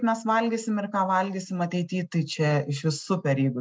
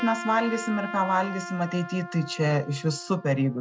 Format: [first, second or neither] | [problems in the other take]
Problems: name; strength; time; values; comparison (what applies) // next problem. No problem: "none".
first | background sound (Trumpet); 11 dB below the speech